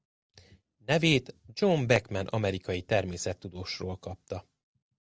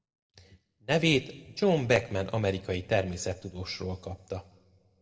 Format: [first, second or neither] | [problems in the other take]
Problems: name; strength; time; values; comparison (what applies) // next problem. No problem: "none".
first | room echo; dies away in 1.5 s